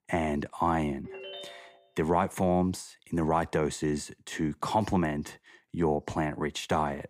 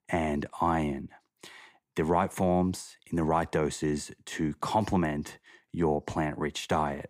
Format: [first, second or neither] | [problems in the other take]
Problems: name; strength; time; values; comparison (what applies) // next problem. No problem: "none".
second | phone ringing; faint; at 1 s; peak 10 dB below the speech